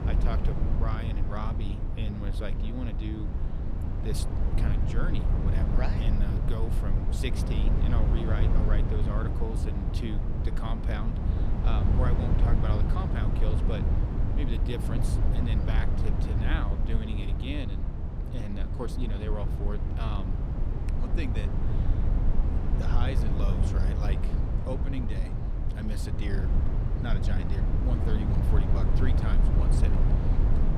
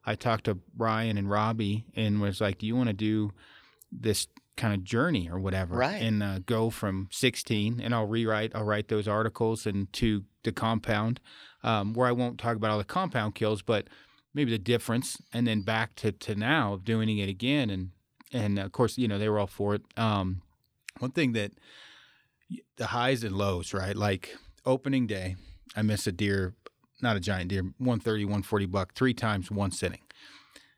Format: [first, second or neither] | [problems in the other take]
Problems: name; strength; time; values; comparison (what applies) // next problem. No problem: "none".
second | low rumble; loud; throughout; as loud as the speech